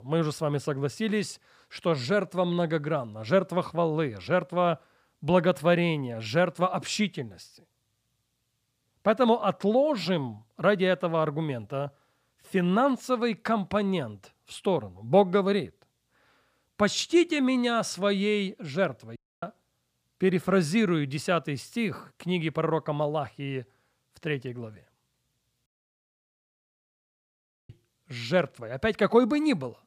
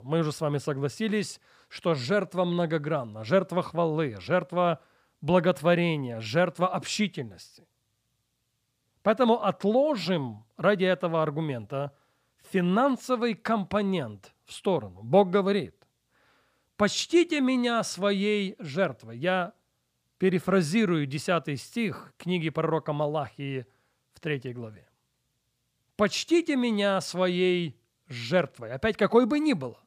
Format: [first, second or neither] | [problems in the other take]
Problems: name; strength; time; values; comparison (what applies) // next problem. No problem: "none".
second | audio cutting out; at 19 s and at 26 s for 2 s